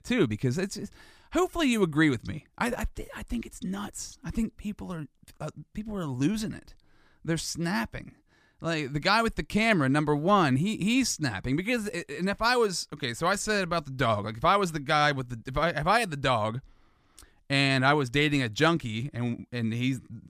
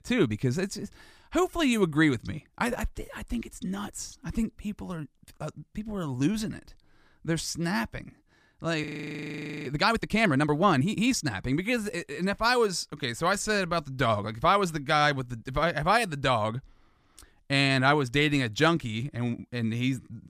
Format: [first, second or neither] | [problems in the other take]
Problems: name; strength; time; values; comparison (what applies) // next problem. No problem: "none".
first | audio freezing; at 9 s for 1 s